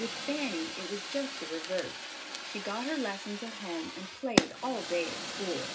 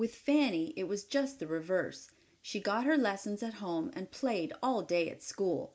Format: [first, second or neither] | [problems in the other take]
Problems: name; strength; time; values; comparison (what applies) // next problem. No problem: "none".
second | background sound (Fire); as loud as the speech // room echo; dies away in 0.2 s